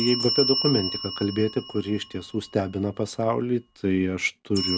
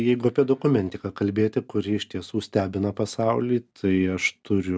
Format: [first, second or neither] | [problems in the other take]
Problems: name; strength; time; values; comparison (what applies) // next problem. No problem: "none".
second | background sound (Bell); 7 dB below the speech